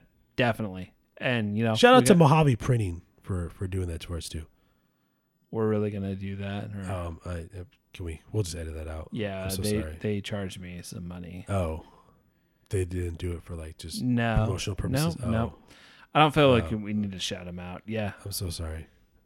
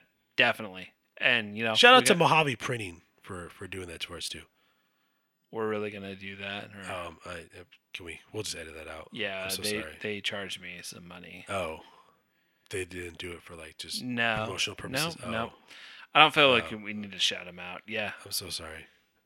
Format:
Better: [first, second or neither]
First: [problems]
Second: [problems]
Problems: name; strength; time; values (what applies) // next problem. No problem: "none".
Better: first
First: none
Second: thin; somewhat; fading below 550 Hz